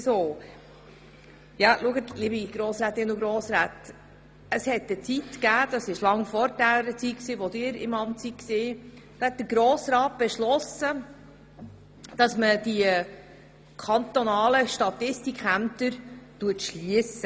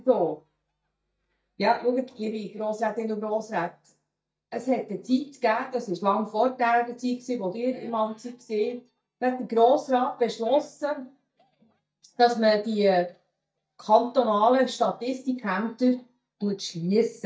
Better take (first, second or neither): first